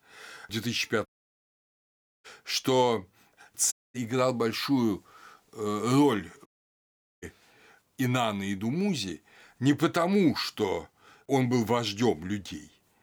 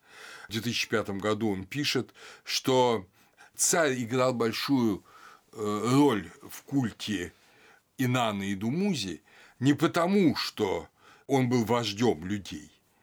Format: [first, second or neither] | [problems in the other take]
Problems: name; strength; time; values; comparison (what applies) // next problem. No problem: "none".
second | audio cutting out; at 1 s for 1 s, at 3.5 s and at 6.5 s for 1 s